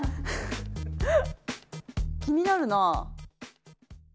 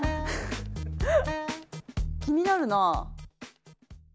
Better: first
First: none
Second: background sound (Wind instrument, woodwind instrument); 10 dB below the speech

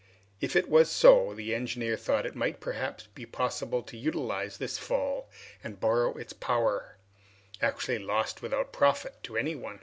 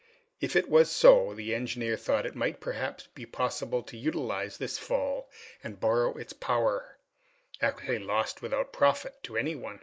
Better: first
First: none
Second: noise reduction (neural mask model Resemble Enhance denoiser)

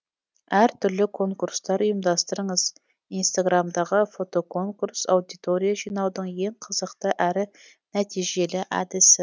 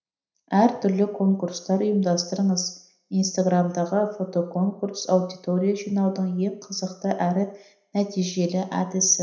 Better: first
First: none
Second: room echo; dies away in 0.5 s

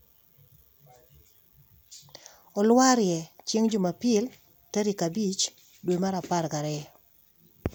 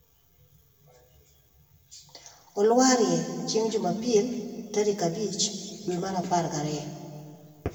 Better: first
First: none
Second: room echo; dies away in 2 s

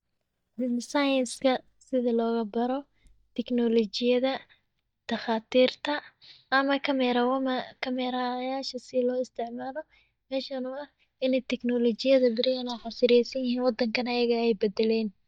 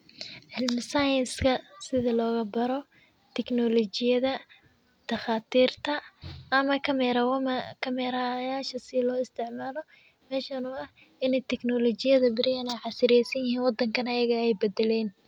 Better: second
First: noise reduction (neural mask model DeepFilterNet 3)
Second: none

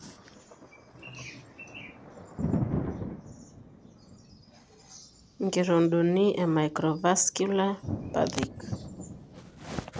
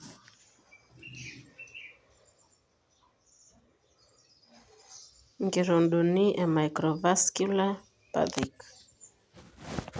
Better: second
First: background sound (Thunder); 9 dB below the speech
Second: none

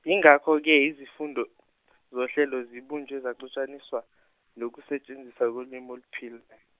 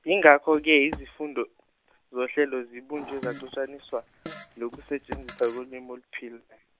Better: first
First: none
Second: background sound (Fart + Walk, footsteps); 15 dB below the speech

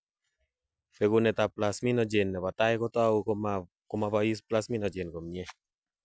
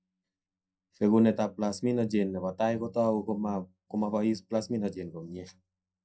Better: first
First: none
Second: noise reduction (neural mask model DeepFilterNet 3)

